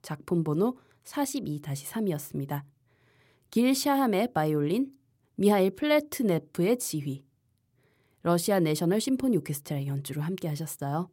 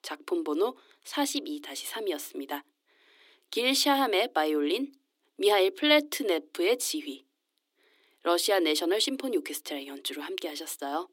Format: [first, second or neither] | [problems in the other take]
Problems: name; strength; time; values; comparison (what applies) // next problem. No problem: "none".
first | thin; somewhat; fading below 300 Hz